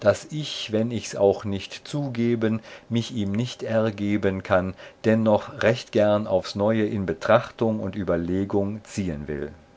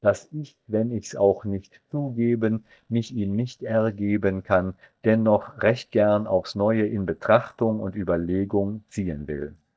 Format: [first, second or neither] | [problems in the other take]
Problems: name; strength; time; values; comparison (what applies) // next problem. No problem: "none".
first | noise reduction (neural mask model DeepFilterNet 3)